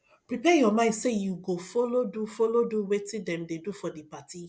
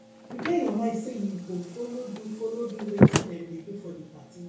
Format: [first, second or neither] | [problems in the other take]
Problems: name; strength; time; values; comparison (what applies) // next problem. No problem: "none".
first | background sound (Slam); 3 dB above the speech // room echo; dies away in 0.6 s